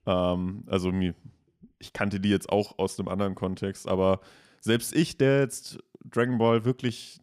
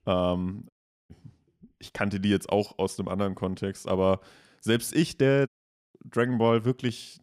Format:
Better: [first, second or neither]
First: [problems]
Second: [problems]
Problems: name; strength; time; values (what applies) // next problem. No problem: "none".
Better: first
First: none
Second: audio cutting out; at 0.5 s and at 5.5 s